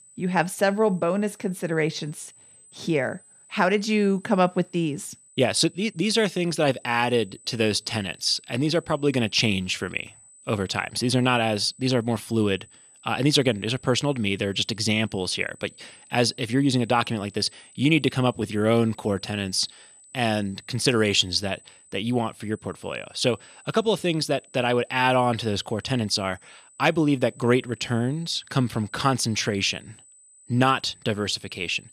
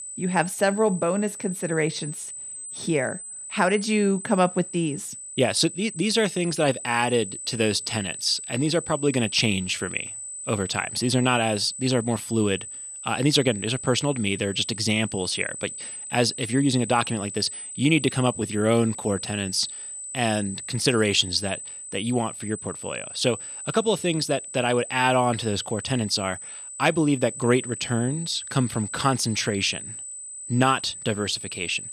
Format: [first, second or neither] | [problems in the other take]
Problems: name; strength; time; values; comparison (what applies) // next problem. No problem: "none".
first | high-pitched whine; loud; throughout; 8 kHz, 10 dB below the speech; faint in the first